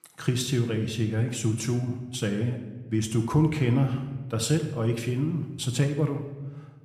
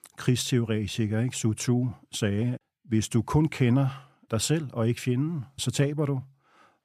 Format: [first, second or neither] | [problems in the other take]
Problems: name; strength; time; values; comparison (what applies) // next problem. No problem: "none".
second | room echo; slight; dies away in 0.9 s